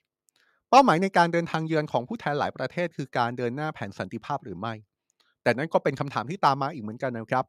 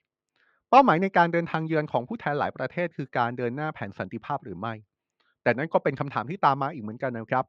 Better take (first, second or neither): first